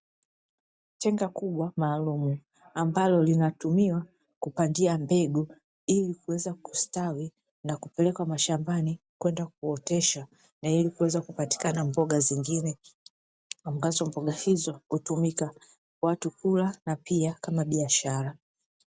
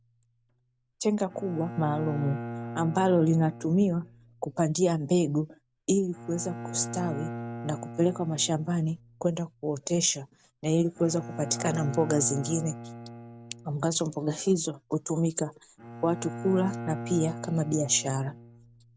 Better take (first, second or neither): first